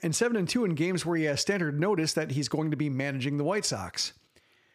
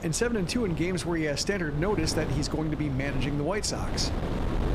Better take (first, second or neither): first